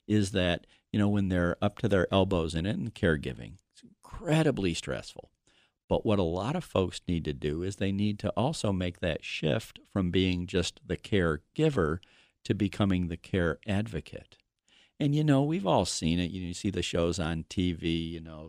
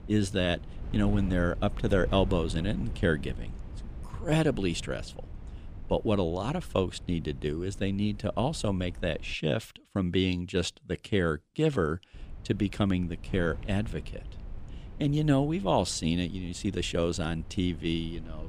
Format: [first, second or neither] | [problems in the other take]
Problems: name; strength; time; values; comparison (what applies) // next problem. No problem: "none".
first | wind noise on the microphone; occasional gusts; until 9.5 s and from 12 s on; 20 dB below the speech